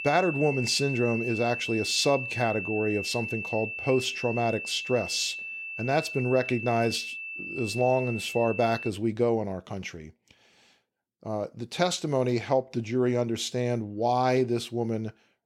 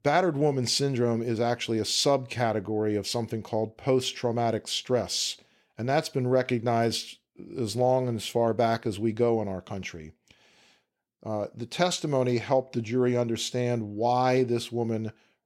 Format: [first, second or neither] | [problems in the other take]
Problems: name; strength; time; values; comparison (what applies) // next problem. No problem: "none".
second | high-pitched whine; loud; until 9 s; 2.5 kHz, 6 dB below the speech